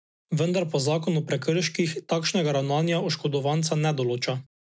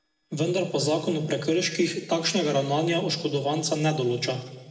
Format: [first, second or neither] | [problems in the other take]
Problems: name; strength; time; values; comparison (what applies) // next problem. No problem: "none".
first | noise reduction (neural separator model SepFormer DNS4)